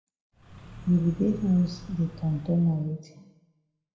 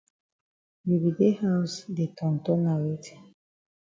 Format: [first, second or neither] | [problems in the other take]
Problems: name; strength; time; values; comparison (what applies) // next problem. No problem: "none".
second | background sound (Car); 16 dB below the speech // room echo; dies away in 0.7 s